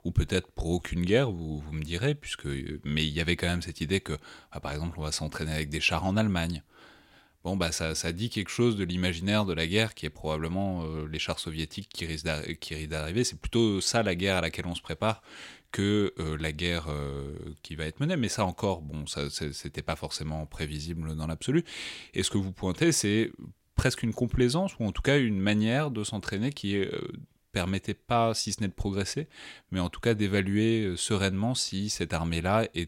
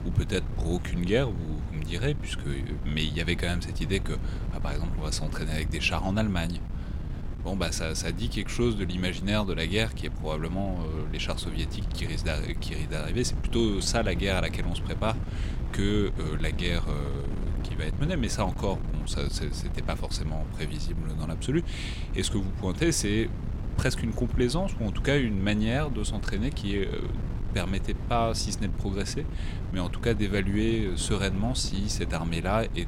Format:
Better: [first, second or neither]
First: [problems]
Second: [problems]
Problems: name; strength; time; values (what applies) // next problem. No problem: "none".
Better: first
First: none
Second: wind noise on the microphone; occasional gusts; 15 dB below the speech